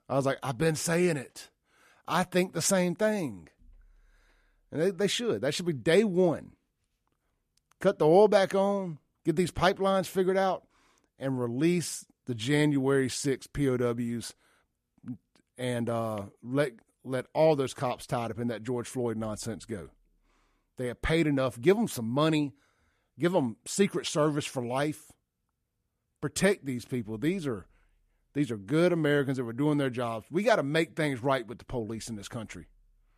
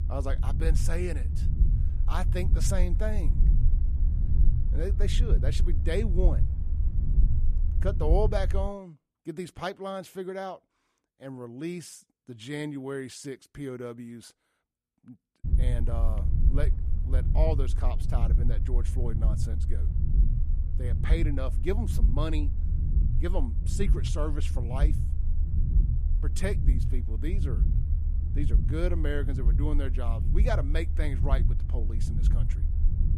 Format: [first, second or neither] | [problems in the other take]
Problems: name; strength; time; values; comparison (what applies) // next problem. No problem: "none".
first | low rumble; loud; until 8.5 s and from 15 s on; 9 dB below the speech